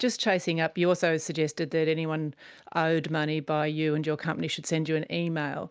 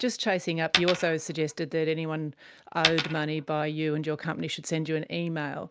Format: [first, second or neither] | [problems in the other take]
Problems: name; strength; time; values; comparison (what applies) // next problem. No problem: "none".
first | background sound (Coin (dropping)); 3 dB below the speech